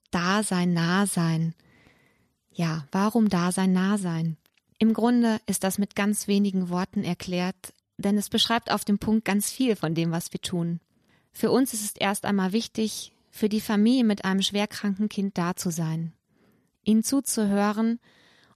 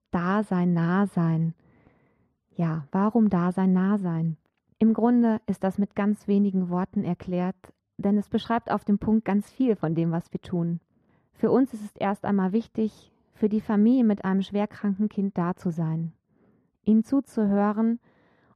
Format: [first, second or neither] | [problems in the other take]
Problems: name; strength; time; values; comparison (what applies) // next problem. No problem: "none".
first | muffled; very; fading above 2.5 kHz